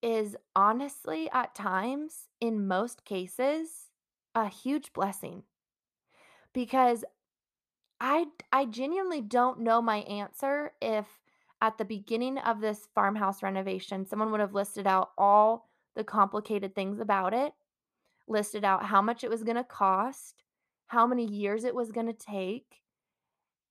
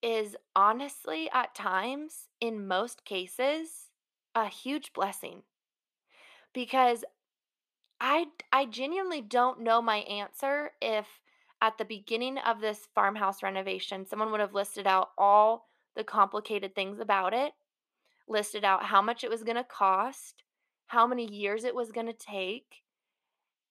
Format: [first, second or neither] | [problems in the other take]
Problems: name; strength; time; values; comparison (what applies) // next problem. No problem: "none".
first | thin; very slightly; fading below 300 Hz